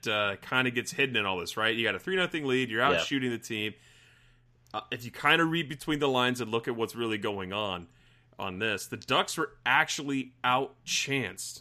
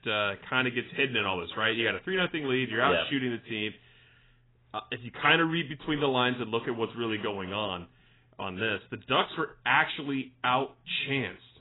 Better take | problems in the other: first | garbled, watery; badly; nothing above 3.5 kHz

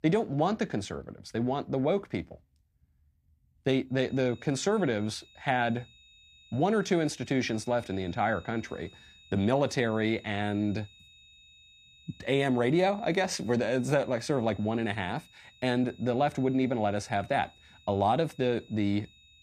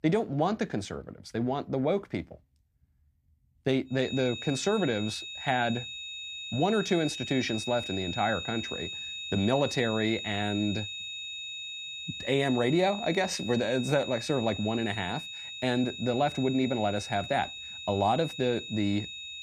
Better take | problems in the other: first | high-pitched whine; loud; from 4 s on; 4 kHz, 7 dB below the speech; faint in the first

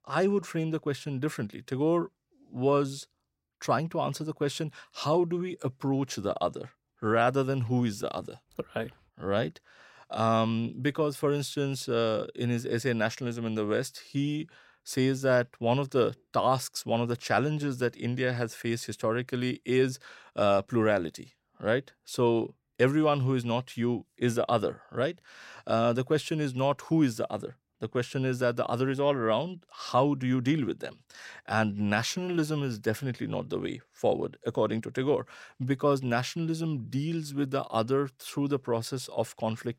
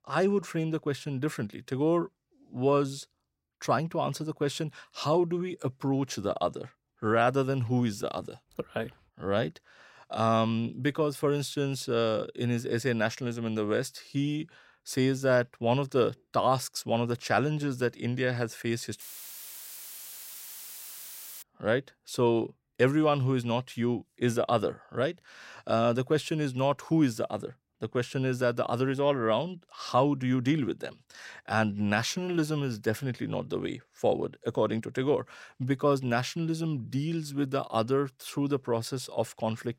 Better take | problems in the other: first | audio cutting out; filled with static; at 19 s for 2.5 s

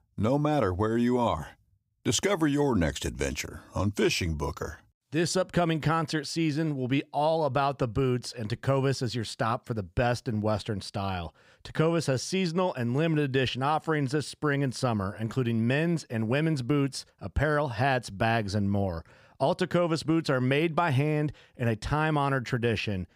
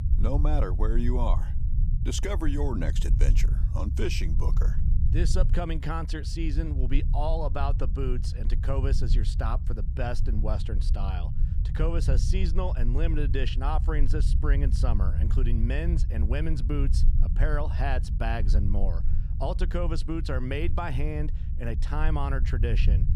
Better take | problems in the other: first | low rumble; noticeable; throughout; 10 dB below the speech

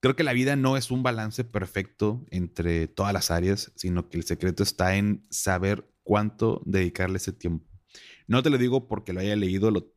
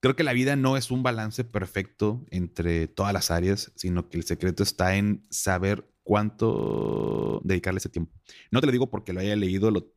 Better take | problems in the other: first | audio freezing; at 6.5 s for 1 s

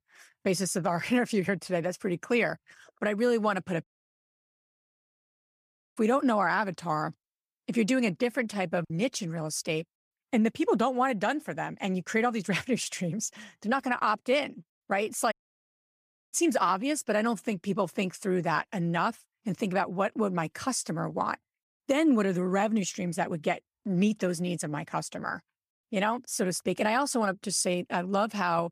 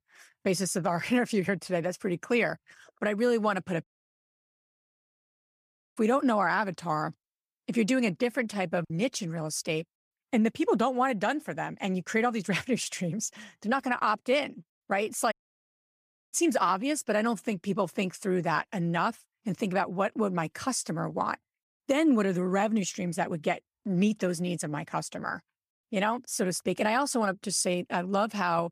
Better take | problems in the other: neither | audio cutting out; at 4 s for 2 s and at 15 s for 1 s; the same in both

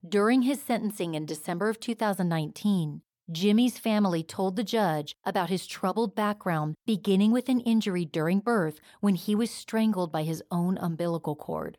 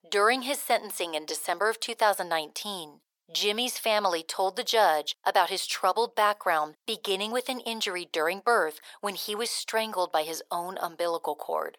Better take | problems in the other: first | thin; very; fading below 550 Hz

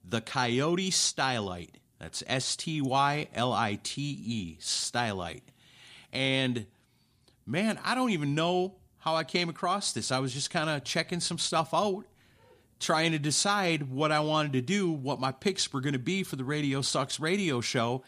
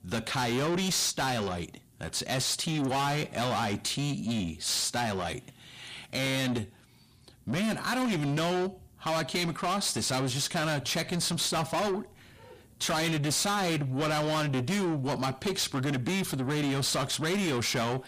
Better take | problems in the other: first | distortion; heavy; 6 dB below the speech

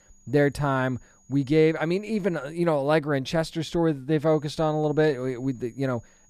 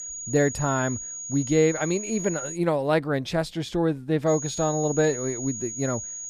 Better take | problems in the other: first | high-pitched whine; loud; until 2.5 s and from 4.5 s on; 6.5 kHz, 7 dB below the speech; faint in the first

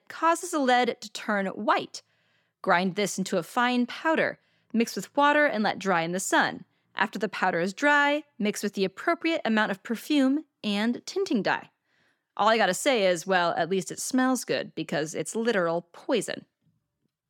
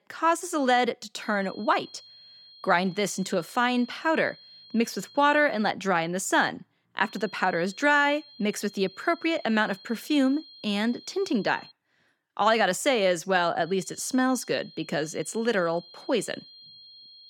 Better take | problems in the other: first | high-pitched whine; faint; from 1 to 5.5 s, from 7 to 12 s and from 14 s on; 4 kHz, 20 dB below the speech

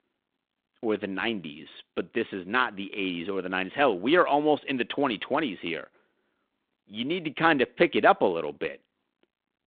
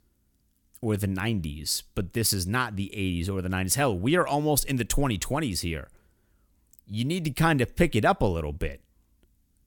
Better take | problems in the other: second | phone-call audio; nothing above 3.5 kHz

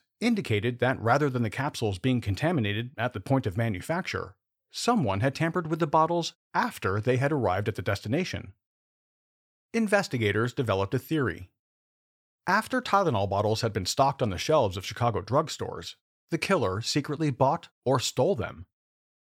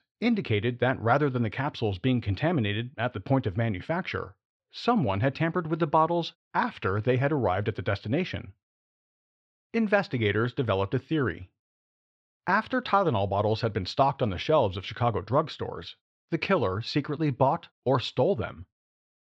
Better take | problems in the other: first | muffled; very slightly; fading above 3.5 kHz

